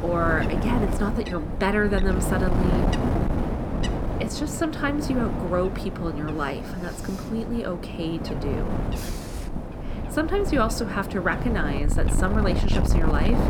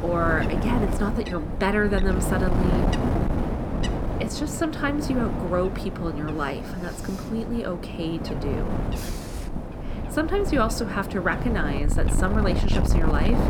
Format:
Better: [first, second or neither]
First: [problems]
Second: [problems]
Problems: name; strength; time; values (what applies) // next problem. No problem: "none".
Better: neither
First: wind noise on the microphone; heavy; 5 dB below the speech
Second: wind noise on the microphone; heavy; 5 dB below the speech